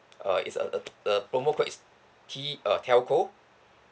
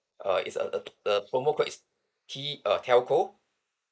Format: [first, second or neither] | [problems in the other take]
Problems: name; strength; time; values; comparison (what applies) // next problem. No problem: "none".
first | noise reduction (neural mask model Resemble Enhance denoiser)